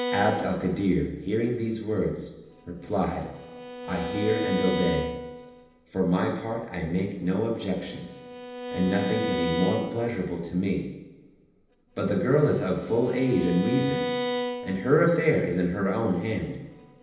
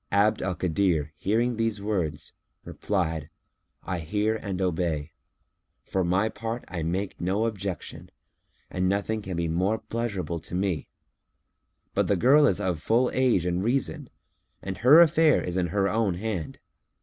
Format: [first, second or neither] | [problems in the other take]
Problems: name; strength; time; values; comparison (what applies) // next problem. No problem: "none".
second | background sound (Bowed string instrument); 8 dB below the speech // room echo; dies away in 0.9 s